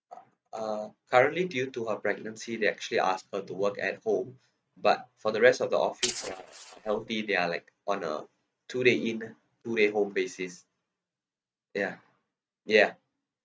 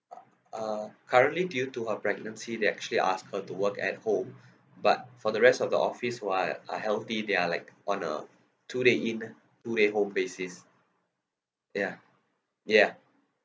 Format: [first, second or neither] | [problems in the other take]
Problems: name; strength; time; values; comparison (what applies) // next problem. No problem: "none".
second | noise reduction (neural mask model RNNoise)